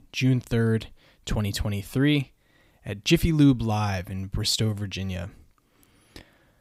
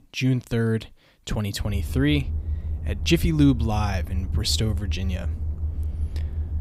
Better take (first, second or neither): first